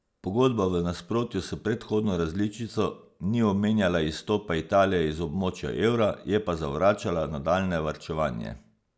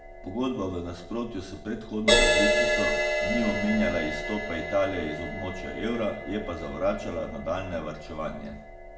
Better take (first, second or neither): first